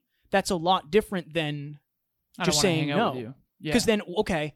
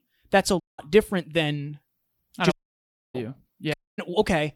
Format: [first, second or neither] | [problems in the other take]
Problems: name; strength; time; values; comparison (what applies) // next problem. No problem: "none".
first | audio cutting out; at 0.5 s, at 2.5 s for 0.5 s and at 3.5 s